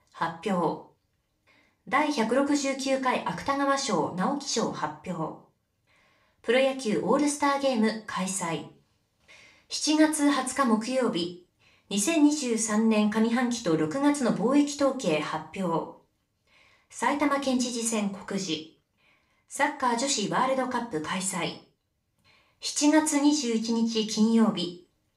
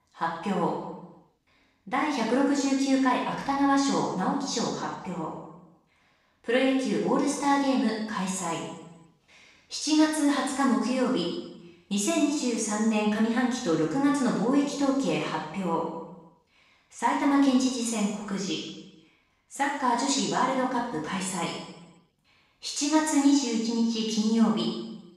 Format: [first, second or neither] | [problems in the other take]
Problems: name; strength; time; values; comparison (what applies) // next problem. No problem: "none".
first | room echo; strong; dies away in 0.9 s; slight in the first // off-mic speech; far; somewhat distant in the first